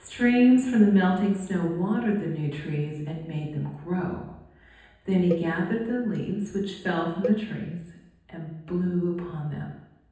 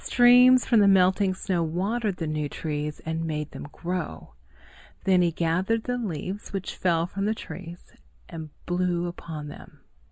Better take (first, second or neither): second